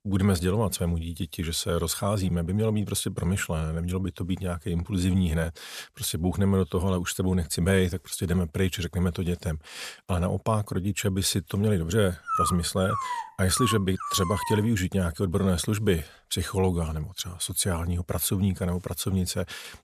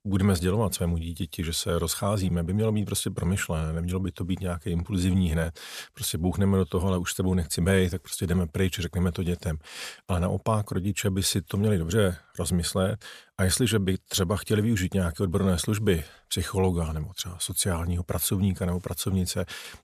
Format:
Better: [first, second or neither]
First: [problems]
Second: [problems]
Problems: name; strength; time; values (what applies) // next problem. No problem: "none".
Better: second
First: dog barking; loud; from 12 to 15 s; peak level with the speech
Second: none